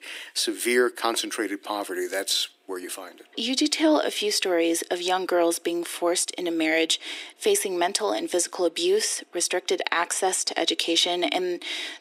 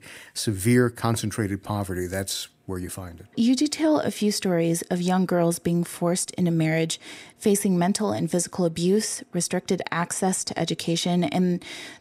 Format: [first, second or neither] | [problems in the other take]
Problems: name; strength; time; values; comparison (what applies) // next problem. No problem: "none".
second | thin; very; fading below 300 Hz